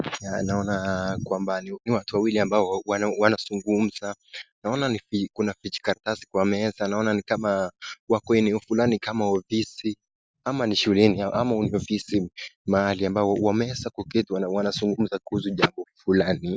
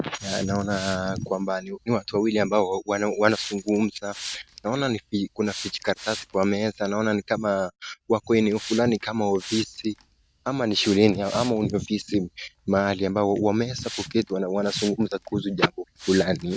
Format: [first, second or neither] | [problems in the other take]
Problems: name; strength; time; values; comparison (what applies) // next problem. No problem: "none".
first | background sound (Hiss); 17 dB below the speech